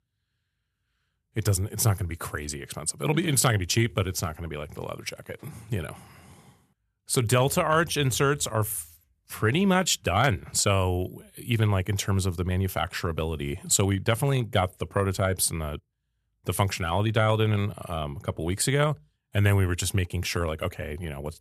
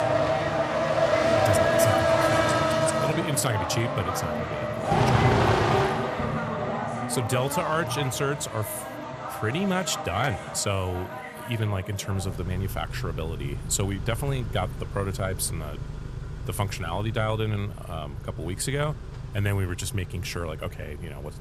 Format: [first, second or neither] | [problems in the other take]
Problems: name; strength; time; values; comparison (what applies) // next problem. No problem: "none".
first | traffic noise; very loud; throughout; 3 dB above the speech